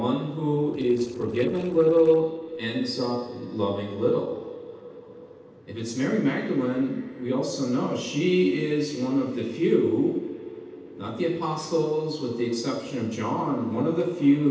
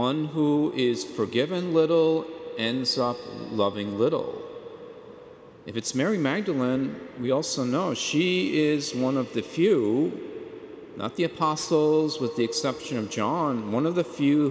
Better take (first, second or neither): second